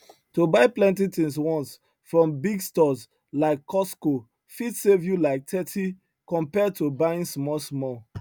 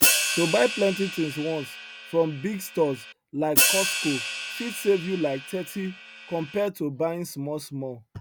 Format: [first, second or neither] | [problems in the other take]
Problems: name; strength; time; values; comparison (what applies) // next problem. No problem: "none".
first | background sound (Hi-hat); as loud as the speech